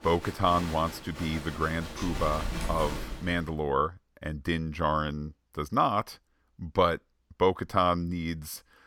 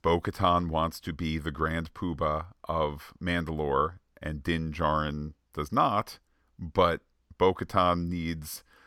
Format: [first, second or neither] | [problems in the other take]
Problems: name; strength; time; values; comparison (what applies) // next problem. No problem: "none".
second | crowd noise; loud; until 3 s; 9 dB below the speech